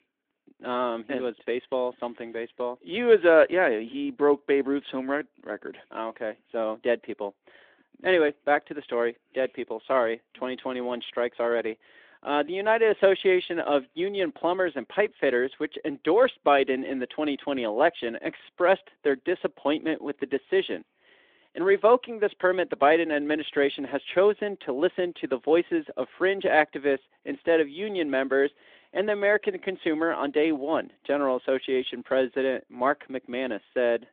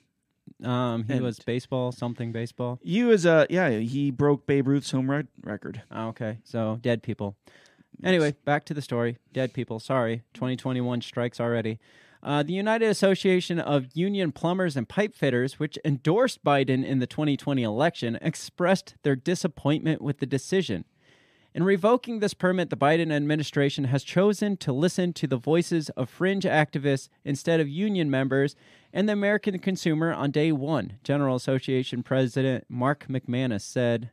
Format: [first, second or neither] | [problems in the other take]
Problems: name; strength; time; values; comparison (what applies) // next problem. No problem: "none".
second | phone-call audio; nothing above 3.5 kHz